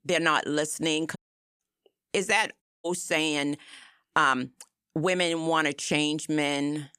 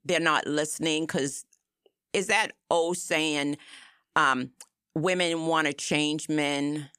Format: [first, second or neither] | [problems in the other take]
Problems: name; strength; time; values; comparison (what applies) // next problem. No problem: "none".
second | audio cutting out; at 1 s and at 2.5 s